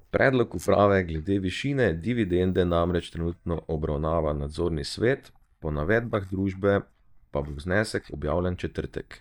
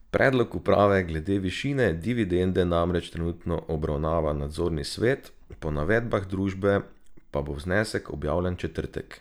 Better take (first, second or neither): second